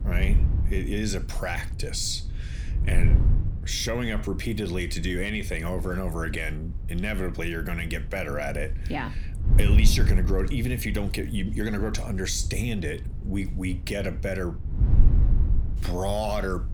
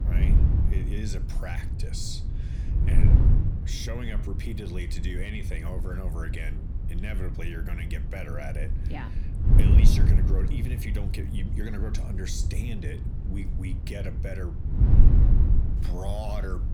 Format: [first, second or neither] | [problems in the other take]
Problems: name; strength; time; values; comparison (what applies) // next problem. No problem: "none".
first | wind noise on the microphone; heavy; 2 dB below the speech; occasional gusts in the first